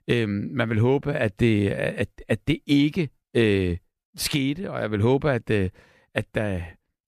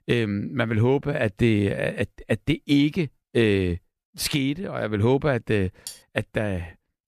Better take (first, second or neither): first